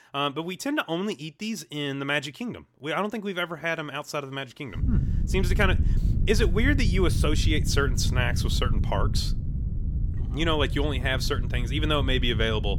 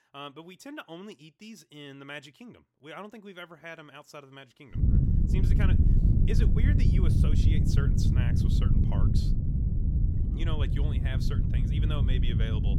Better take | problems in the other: first | wind noise on the microphone; heavy; from 5 s on; 2 dB above the speech; occasional gusts in the first

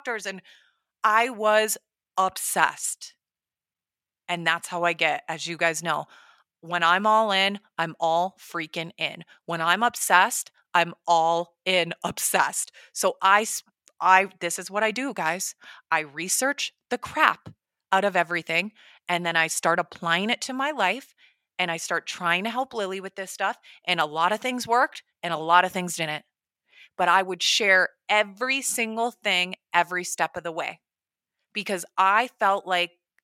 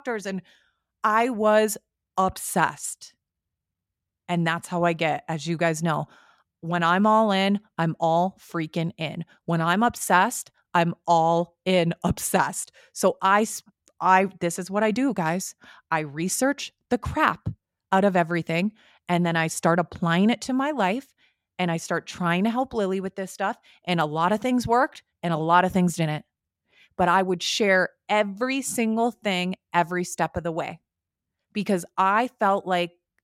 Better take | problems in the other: second | thin; somewhat; fading below 950 Hz

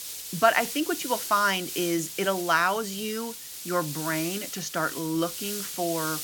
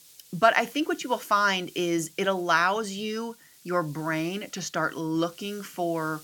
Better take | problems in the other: second | hiss; loud; throughout; 7 dB below the speech; faint in the second

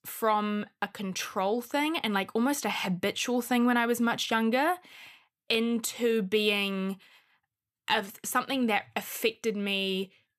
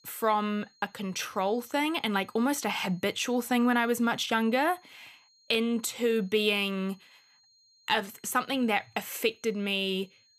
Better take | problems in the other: first | high-pitched whine; faint; throughout; 4 kHz, 30 dB below the speech

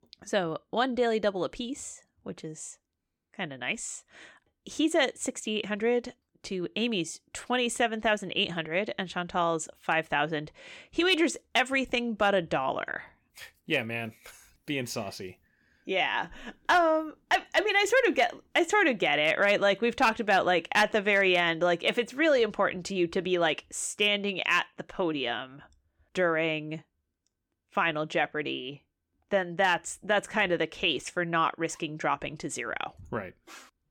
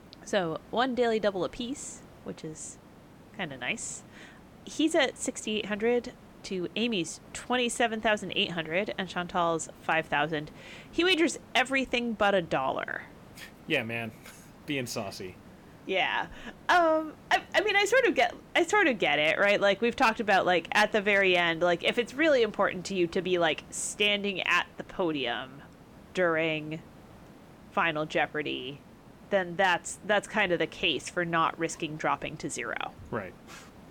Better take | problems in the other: first | hiss; faint; throughout; 25 dB below the speech

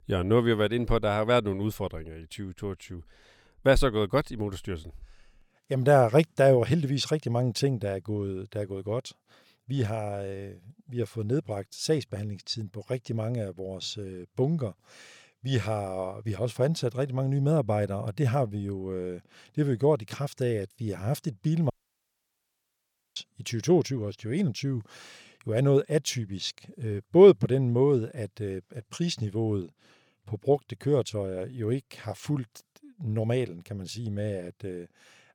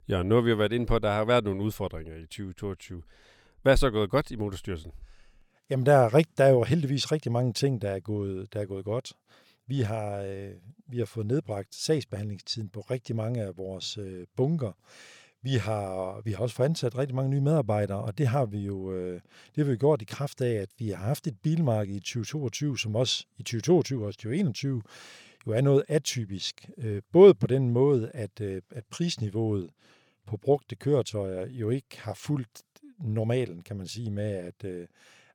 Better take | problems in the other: second | audio cutting out; at 22 s for 1.5 s

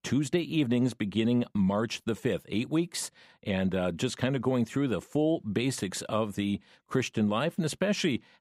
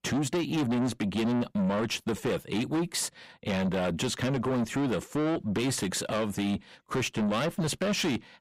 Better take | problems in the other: first | distortion; heavy; 7 dB below the speech

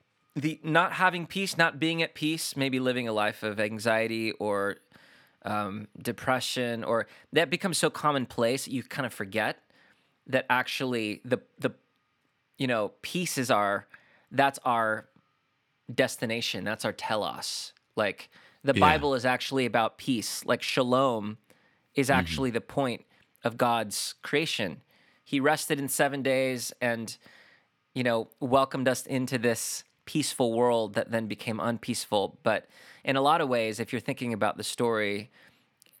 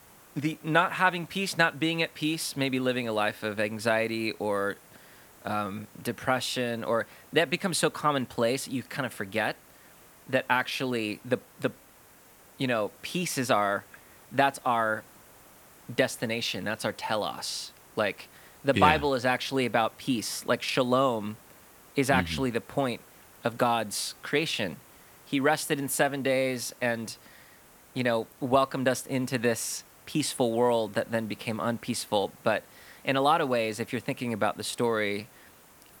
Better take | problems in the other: first | hiss; faint; throughout; 25 dB below the speech

